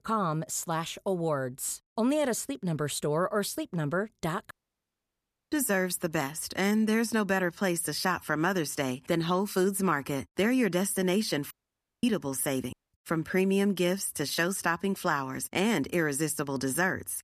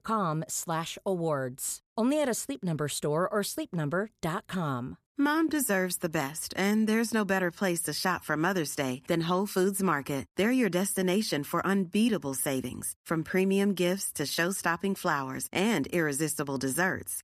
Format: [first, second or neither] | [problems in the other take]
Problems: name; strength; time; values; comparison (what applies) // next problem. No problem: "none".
second | audio cutting out; at 4.5 s for 1 s, at 12 s for 0.5 s and at 13 s